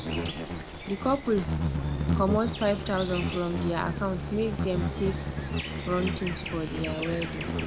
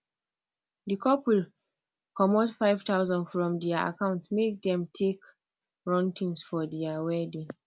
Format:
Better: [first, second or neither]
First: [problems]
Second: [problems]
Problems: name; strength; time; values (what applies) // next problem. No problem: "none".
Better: second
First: background sound (Insect); 1 dB below the speech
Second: none